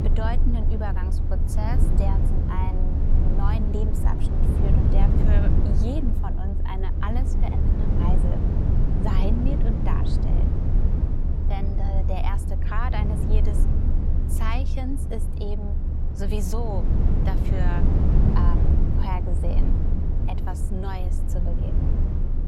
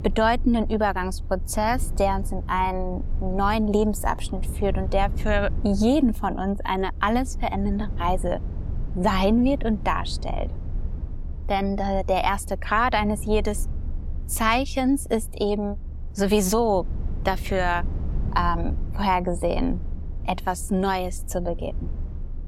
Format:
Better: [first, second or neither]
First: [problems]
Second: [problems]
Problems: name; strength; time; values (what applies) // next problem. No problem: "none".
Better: second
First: low rumble; loud; throughout; 1 dB below the speech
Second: low rumble; faint; throughout; 20 dB below the speech